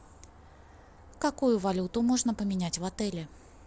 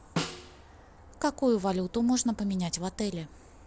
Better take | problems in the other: first | background sound (Snare drum); 10 dB below the speech

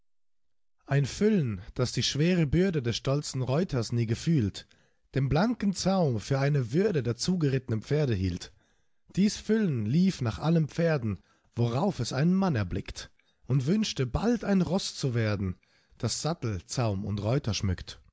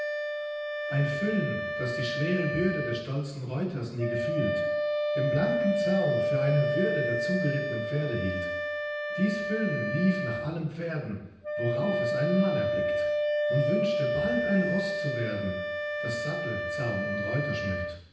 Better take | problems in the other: first | background sound (Wind instrument, woodwind instrument); 1 dB above the speech // room echo; dies away in 0.9 s

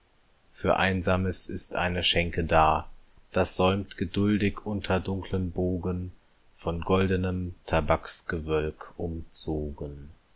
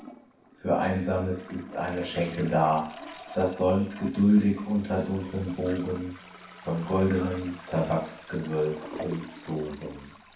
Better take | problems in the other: first | background sound (Toilet flush); 17 dB below the speech // room echo; dies away in 0.6 s

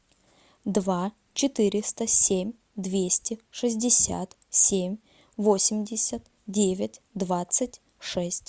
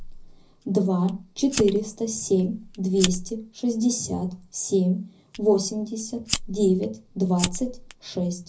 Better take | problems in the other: first | background sound (Fire); 11 dB below the speech // room echo; dies away in 0.4 s

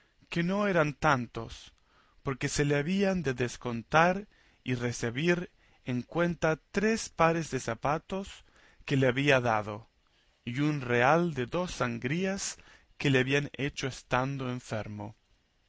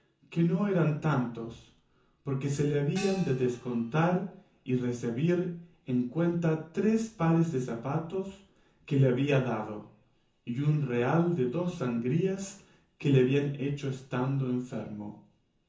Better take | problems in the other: first | background sound (Gong); 16 dB below the speech // room echo; dies away in 0.6 s

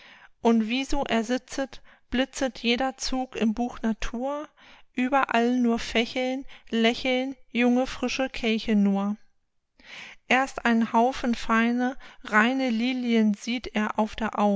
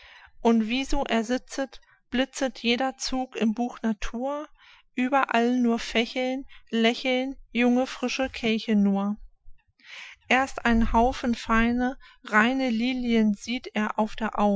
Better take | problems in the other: first | noise reduction (classical method Wiener filter)

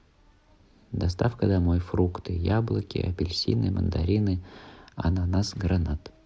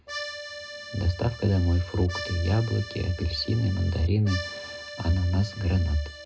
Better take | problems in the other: first | background sound (Accordion); 13 dB below the speech // room echo; dies away in 0.2 s

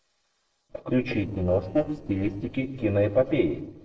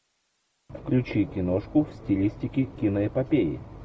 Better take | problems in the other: second | noise reduction (neural separator model SepFormer DNS4)

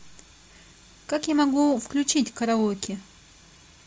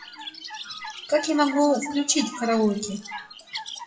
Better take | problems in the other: first | noise reduction (classical method WPE with log-MMSE)

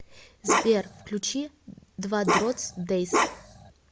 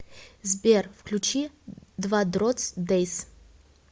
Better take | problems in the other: second | background sound (Bark); 1 dB above the speech

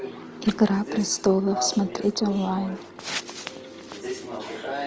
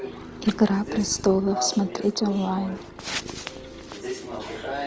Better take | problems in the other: first | background sound (Purr); 20 dB below the speech

